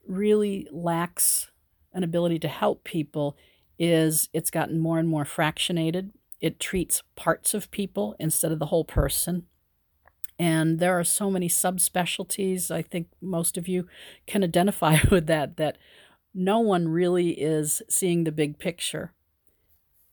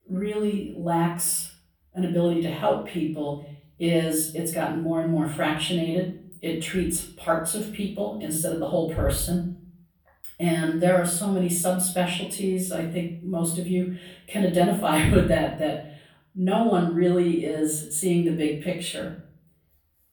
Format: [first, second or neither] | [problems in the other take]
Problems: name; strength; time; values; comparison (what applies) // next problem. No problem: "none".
first | off-mic speech; far // room echo; noticeable; dies away in 0.5 s